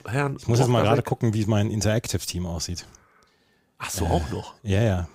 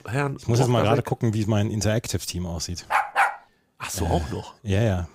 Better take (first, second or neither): first